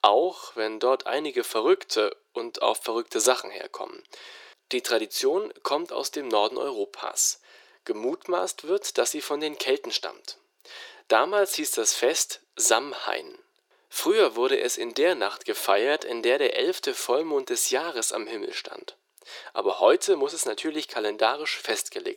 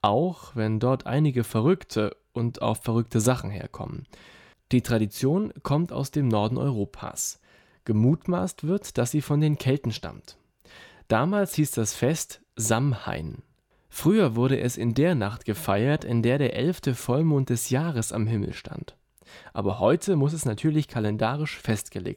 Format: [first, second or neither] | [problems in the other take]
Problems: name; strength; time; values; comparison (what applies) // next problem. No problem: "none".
second | thin; very; fading below 350 Hz